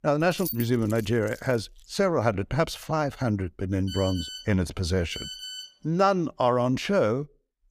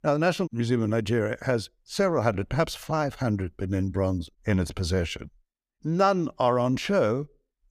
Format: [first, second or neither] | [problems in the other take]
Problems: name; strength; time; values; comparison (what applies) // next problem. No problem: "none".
second | jangling keys; noticeable; until 2 s; peak 7 dB below the speech // phone ringing; noticeable; from 4 to 5.5 s; peak 9 dB below the speech